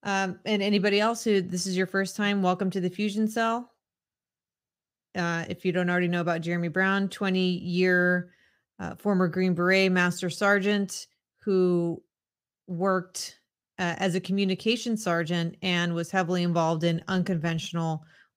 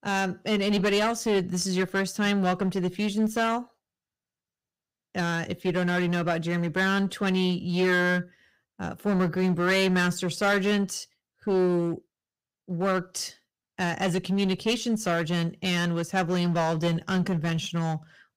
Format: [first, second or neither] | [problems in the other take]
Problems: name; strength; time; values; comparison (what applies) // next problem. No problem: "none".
first | distortion; slight; 9% of the sound clipped